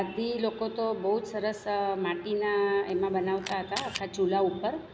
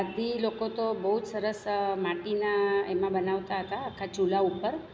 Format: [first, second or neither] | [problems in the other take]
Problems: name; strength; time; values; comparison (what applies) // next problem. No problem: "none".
second | background sound (Camera); 11 dB below the speech